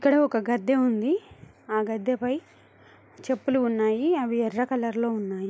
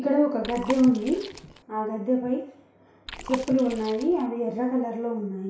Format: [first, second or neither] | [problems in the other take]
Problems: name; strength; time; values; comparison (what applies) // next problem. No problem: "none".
first | background sound (Chewing, mastication); 13 dB below the speech // room echo; dies away in 0.6 s